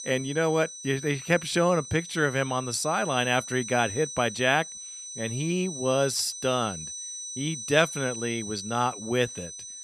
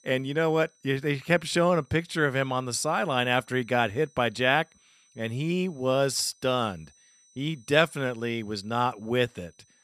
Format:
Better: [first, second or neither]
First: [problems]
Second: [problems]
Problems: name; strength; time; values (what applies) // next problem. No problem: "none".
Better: second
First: high-pitched whine; loud; throughout; 6 kHz, 9 dB below the speech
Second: high-pitched whine; faint; throughout; 6 kHz, 35 dB below the speech